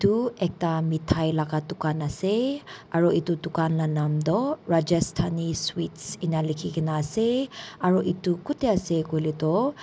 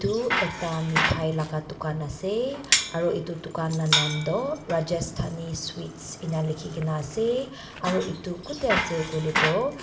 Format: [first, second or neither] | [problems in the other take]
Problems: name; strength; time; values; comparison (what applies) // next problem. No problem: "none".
first | background sound (Bicycle); 3 dB below the speech // room echo; dies away in 2.6 s